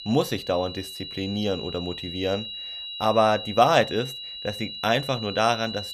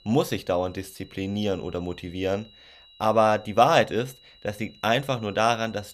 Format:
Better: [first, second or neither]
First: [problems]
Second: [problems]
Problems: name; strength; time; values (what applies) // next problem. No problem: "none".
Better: second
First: high-pitched whine; loud; throughout; 4 kHz, 9 dB below the speech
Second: high-pitched whine; faint; throughout; 4 kHz, 25 dB below the speech